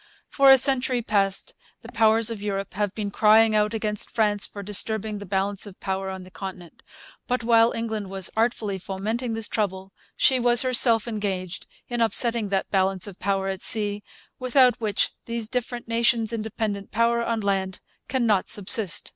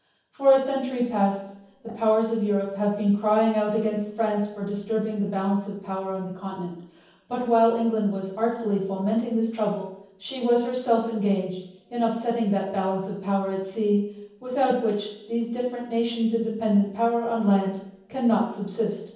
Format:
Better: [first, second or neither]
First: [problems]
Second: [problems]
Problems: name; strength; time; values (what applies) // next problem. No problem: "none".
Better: first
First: none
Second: room echo; dies away in 0.9 s